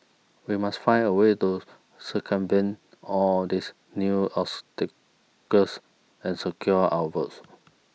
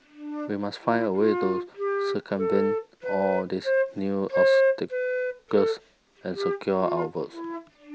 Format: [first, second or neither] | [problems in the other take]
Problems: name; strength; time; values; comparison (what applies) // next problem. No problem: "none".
first | background sound (Wind instrument, woodwind instrument); 1 dB above the speech